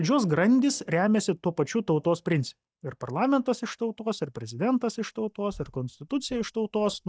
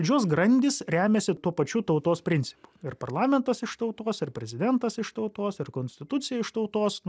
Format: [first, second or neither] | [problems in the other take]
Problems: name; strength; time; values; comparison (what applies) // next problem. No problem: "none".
second | noise reduction (neural mask model DeepFilterNet 3)